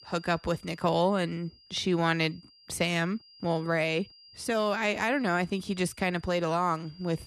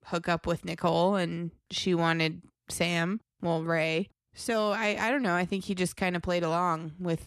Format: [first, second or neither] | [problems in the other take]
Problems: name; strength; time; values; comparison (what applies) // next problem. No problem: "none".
second | high-pitched whine; faint; throughout; 5 kHz, 25 dB below the speech